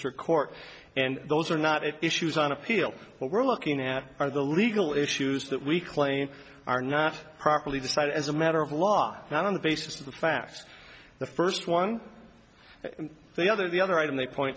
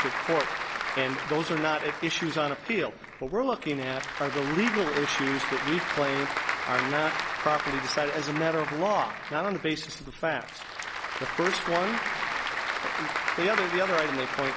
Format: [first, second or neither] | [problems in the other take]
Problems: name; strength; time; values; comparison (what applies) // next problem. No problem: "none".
first | background sound (Applause / Crowd); 2 dB below the speech